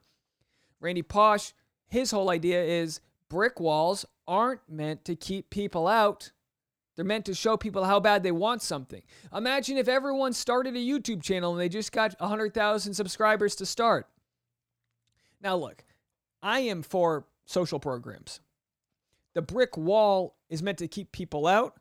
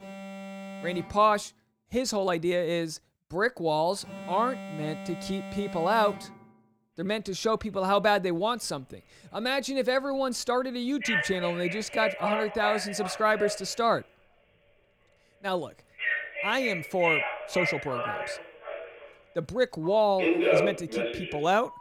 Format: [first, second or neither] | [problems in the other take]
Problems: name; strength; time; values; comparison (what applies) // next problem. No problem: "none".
first | alarms or sirens; loud; throughout; 3 dB below the speech